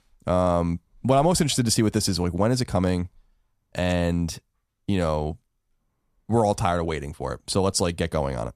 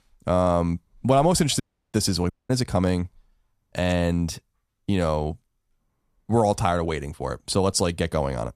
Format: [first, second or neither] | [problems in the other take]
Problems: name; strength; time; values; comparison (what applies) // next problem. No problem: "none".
first | audio cutting out; at 1.5 s and at 2.5 s